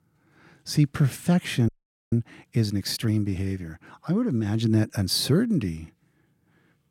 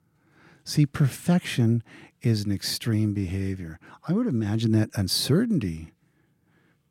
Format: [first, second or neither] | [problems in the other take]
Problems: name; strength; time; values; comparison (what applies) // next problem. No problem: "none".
second | audio freezing; at 1.5 s